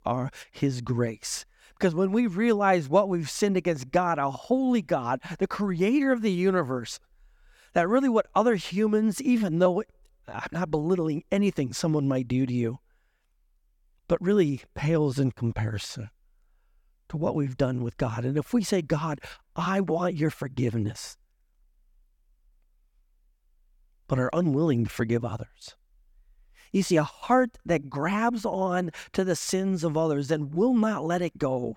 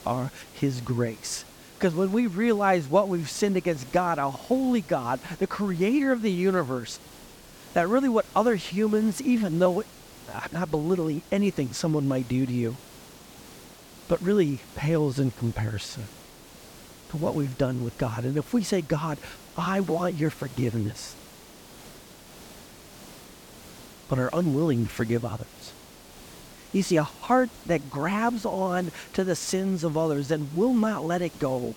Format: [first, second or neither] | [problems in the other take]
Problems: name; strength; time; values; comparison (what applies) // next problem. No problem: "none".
first | hiss; faint; throughout; 20 dB below the speech